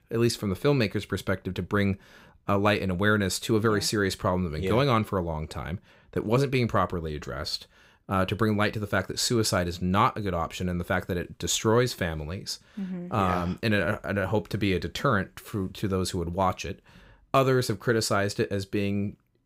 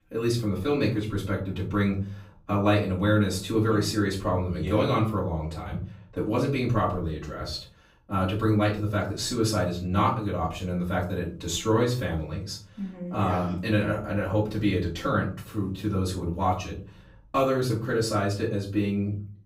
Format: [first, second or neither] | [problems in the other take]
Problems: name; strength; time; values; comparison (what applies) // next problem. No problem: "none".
first | off-mic speech; far // room echo; slight; dies away in 0.4 s